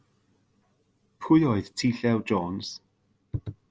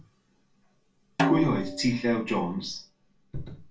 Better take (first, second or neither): first